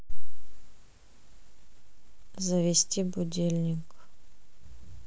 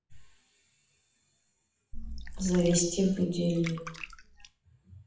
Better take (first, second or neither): first